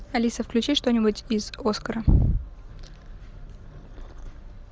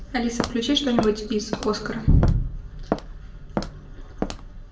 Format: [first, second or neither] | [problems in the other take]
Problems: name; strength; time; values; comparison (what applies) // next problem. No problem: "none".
first | background sound (Walk, footsteps); 8 dB below the speech // room echo; dies away in 0.6 s